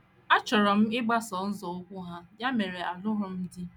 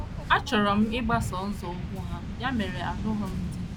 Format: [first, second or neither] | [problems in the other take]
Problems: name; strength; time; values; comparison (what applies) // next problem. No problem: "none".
first | background sound (Waves, surf); 5 dB below the speech